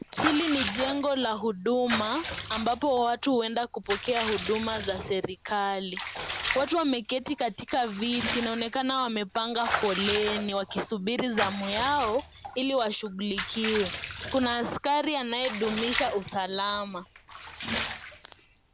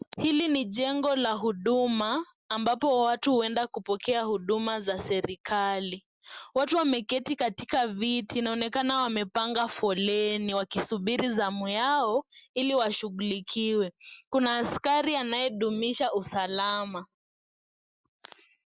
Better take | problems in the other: second | background sound (Bathtub (filling or washing) / Water / Liquid); 7 dB below the speech

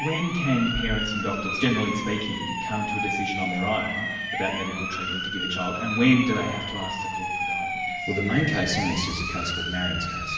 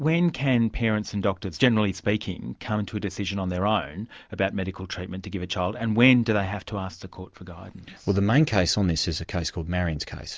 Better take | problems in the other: second | background sound (Siren); 3 dB below the speech // room echo; dies away in 1.2 s

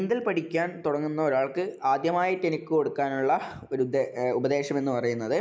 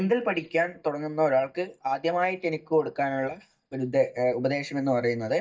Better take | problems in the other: first | noise reduction (neural mask model DeepFilterNet 3)

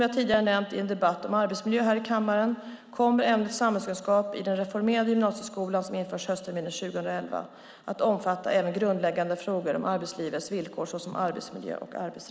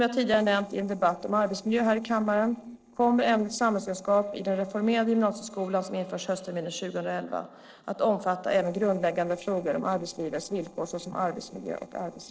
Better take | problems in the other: first | noise reduction (neural separator model SepFormer DNS4)

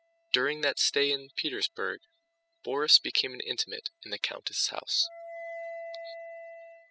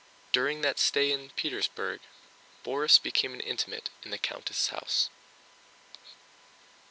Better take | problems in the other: second | noise reduction (classical method spectral subtraction)

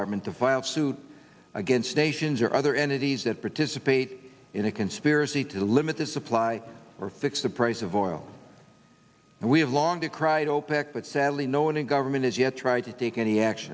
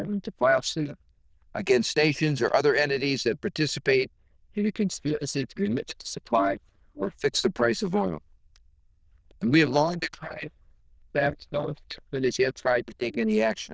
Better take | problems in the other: first | noise reduction (neural diffusion model UNIVERSE++)

